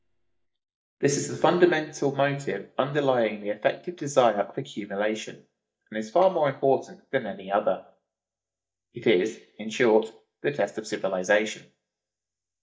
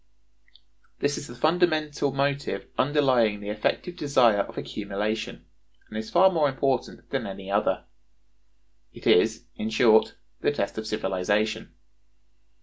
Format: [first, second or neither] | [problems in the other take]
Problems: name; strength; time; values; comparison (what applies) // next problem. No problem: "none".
second | noise reduction (neural mask model DeepFilterNet 3)